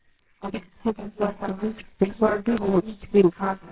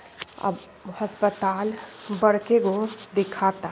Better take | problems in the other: second | noise reduction (neural separator model SepFormer WHAMR!)

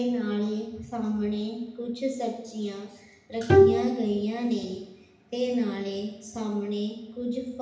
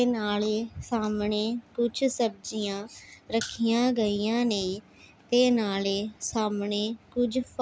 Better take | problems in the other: second | background sound (Bowed string instrument); 4 dB above the speech // room echo; dies away in 0.8 s

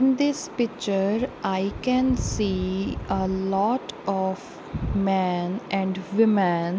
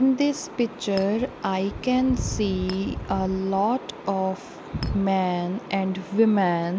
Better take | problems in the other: first | background sound (Chink, clink); 19 dB below the speech

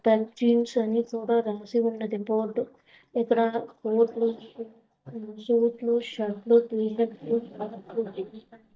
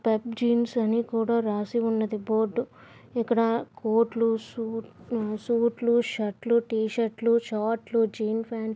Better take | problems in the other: second | noise reduction (neural mask model DeepFilterNet 3)

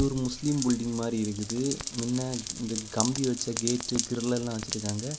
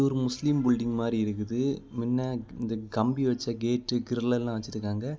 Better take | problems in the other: second | background sound (Rain); 6 dB below the speech

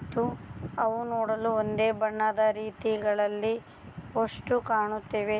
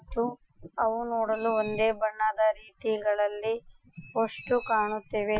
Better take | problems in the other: first | noise reduction (classical method Wiener filter)

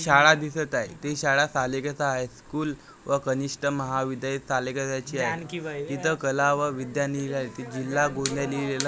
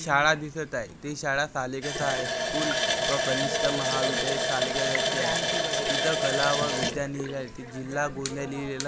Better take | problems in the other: first | background sound (Water tap, faucet); 1 dB above the speech

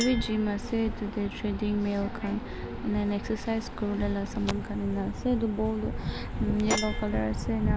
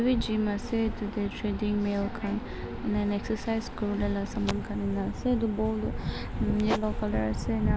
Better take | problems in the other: second | background sound (Chink, clink); 17 dB below the speech

